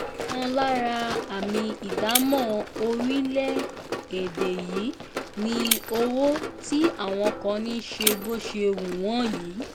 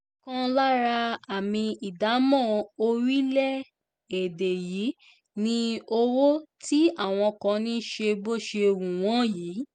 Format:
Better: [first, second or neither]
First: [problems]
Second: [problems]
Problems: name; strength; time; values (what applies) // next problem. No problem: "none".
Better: second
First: background sound (Run + Shatter); 4 dB below the speech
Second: none